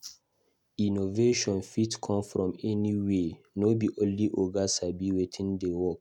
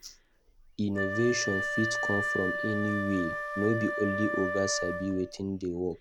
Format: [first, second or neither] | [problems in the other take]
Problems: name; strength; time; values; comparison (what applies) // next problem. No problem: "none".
first | background sound (Wind instrument, woodwind instrument); 3 dB below the speech